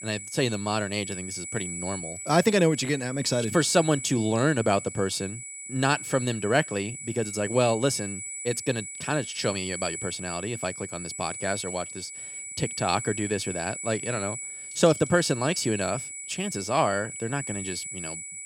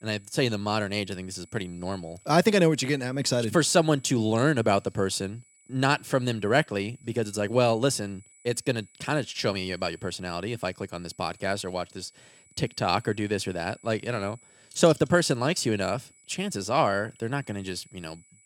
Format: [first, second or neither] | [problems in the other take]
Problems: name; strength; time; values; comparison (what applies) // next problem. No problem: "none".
second | high-pitched whine; loud; throughout; 8 kHz, 8 dB below the speech; faint in the second